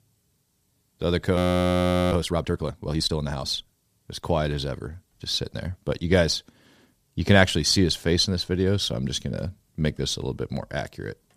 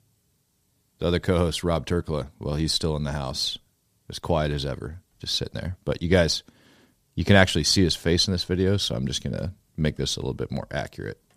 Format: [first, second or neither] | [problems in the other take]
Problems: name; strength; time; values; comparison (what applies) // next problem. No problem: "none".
second | audio freezing; at 1.5 s for 1 s